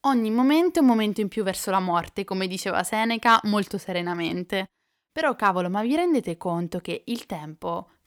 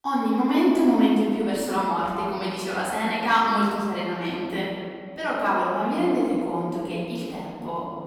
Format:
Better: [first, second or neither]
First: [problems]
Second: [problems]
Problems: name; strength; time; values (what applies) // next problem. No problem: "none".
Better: first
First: none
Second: off-mic speech; far // room echo; strong; dies away in 1.9 s